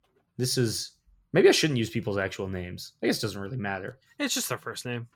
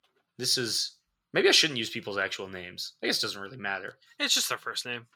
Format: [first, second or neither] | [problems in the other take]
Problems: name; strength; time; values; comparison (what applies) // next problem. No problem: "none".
first | thin; somewhat; fading below 900 Hz